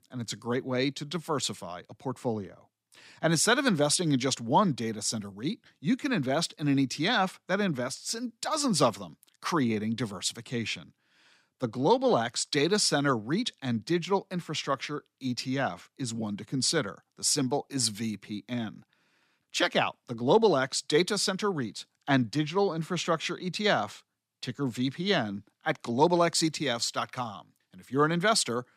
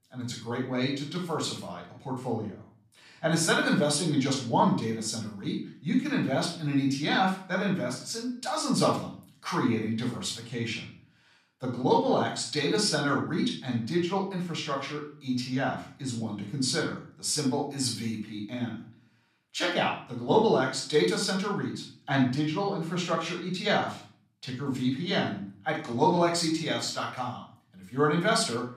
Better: first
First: none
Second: off-mic speech; far // room echo; noticeable; dies away in 0.4 s

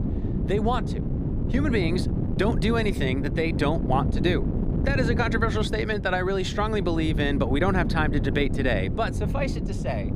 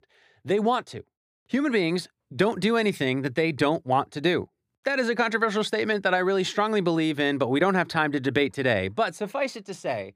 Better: second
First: wind noise on the microphone; heavy; 9 dB below the speech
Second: none

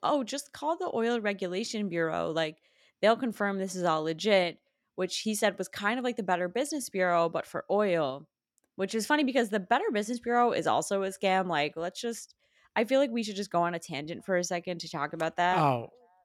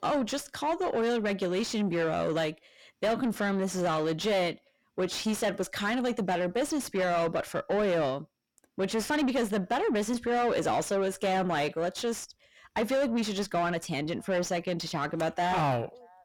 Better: first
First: none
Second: distortion; heavy; 6 dB below the speech

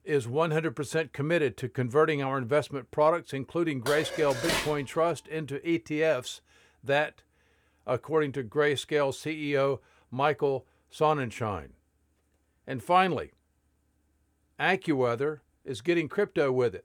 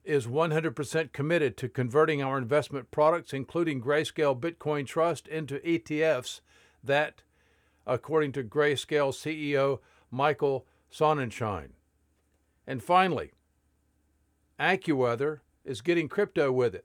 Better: second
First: clattering dishes; noticeable; at 4 s; peak 1 dB below the speech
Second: none

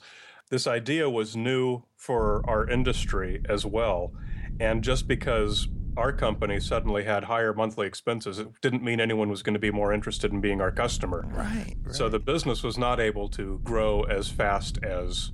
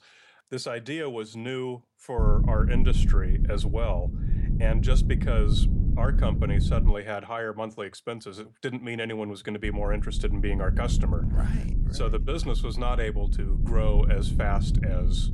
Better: first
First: low rumble; faint; from 2 to 7 s and from 9.5 s on; 25 dB below the speech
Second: low rumble; loud; from 2 to 7 s and from 9.5 s on; 7 dB below the speech

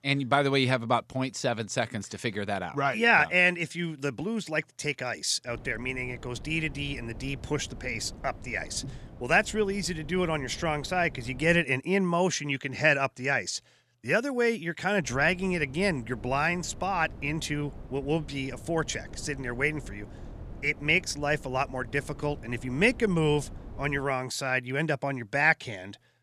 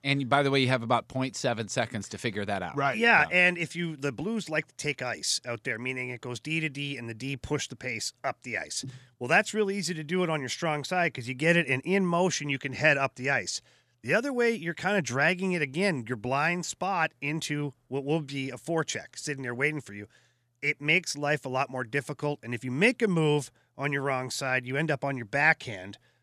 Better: second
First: wind noise on the microphone; occasional gusts; from 5.5 to 12 s and from 15 to 24 s; 25 dB below the speech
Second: none

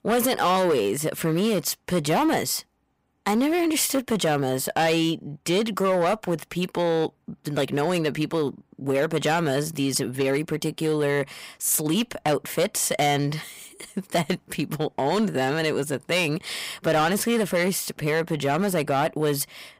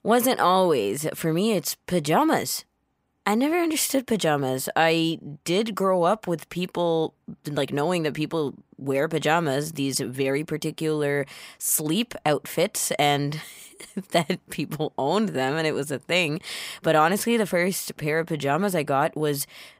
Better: second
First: distortion; slight; 8% of the sound clipped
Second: none

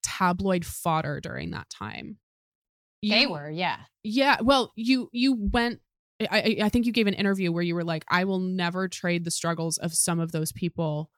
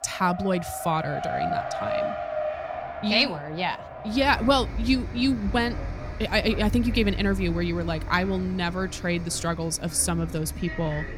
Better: first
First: none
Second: traffic noise; loud; throughout; 8 dB below the speech

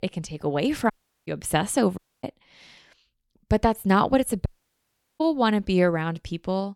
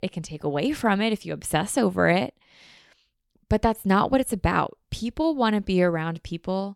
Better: second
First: audio cutting out; at 1 s, at 2 s and at 4.5 s for 0.5 s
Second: none

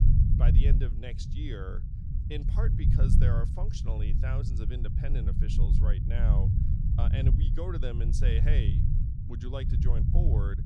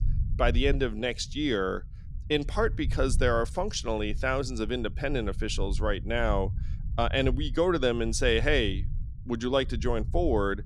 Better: second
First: low rumble; loud; throughout; 1 dB below the speech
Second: low rumble; faint; throughout; 20 dB below the speech

